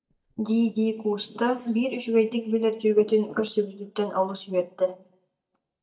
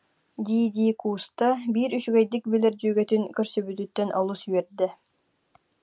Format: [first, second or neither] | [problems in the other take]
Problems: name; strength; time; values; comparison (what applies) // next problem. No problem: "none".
second | noise reduction (neural mask model DeepFilterNet 3)